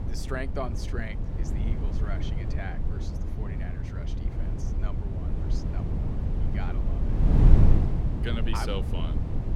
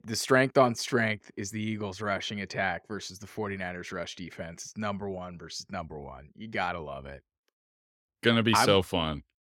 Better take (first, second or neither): second